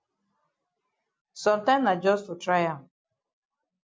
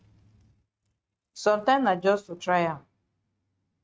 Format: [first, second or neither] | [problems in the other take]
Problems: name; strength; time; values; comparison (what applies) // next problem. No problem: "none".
first | noise reduction (neural mask model RNNoise)